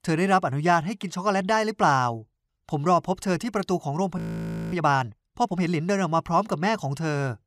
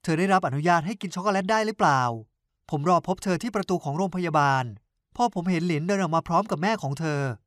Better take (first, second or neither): second